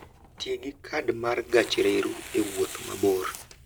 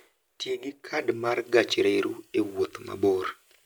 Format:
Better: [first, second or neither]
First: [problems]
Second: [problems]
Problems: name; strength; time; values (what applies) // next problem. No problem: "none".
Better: second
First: background sound (Tearing); 15 dB below the speech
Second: none